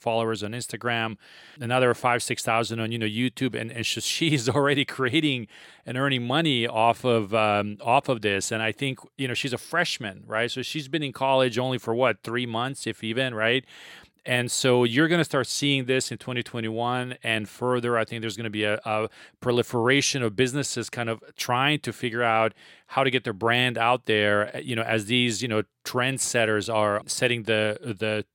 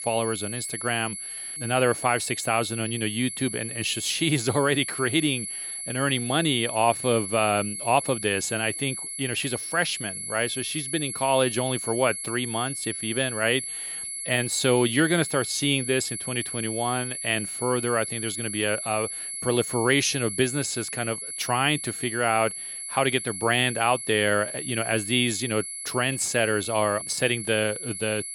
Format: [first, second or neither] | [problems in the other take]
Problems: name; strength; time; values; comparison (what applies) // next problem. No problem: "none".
first | high-pitched whine; loud; throughout; 11 kHz, 6 dB below the speech